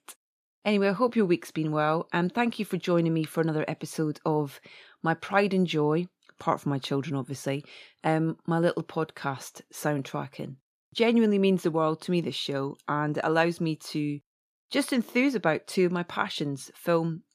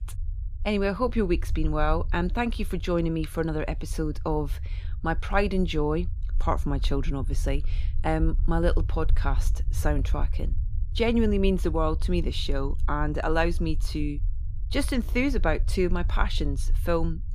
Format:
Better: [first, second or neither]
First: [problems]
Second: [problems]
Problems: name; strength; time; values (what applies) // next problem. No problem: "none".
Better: first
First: none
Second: low rumble; faint; throughout; 20 dB below the speech